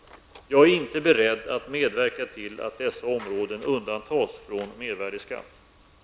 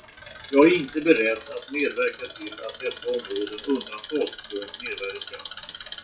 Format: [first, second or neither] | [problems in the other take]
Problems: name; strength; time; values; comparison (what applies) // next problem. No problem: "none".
first | noise reduction (classical method WPE with log-MMSE)